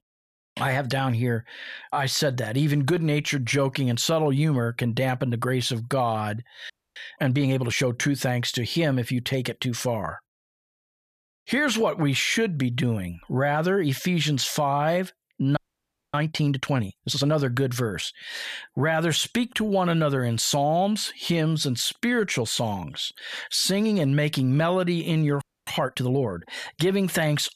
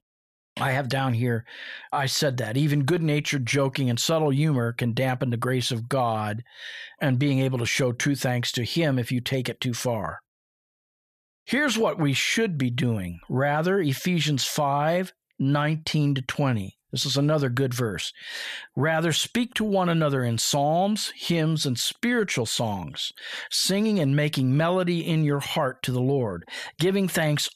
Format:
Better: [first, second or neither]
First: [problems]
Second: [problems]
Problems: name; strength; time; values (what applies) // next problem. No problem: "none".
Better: second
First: audio freezing; at 6.5 s, at 16 s for 0.5 s and at 25 s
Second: none